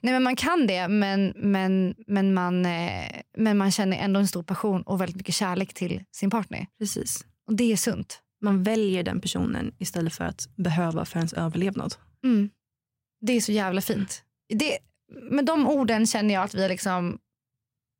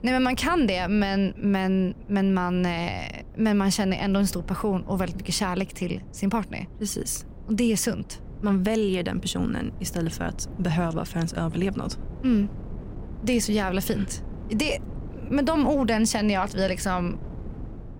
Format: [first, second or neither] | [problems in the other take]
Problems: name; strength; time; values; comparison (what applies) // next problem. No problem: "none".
first | wind noise on the microphone; occasional gusts; 20 dB below the speech